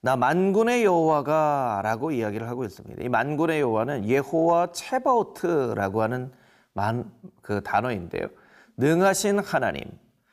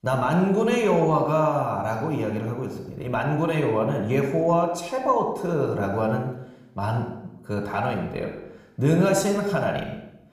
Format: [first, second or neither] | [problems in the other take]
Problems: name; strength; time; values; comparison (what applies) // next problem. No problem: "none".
first | off-mic speech; somewhat distant // room echo; noticeable; dies away in 0.7 s